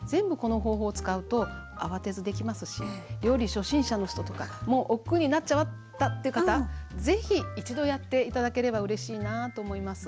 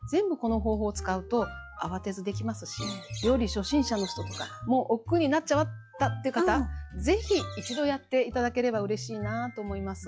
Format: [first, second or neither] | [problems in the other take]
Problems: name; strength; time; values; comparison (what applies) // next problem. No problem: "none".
first | noise reduction (classical method log-MMSE)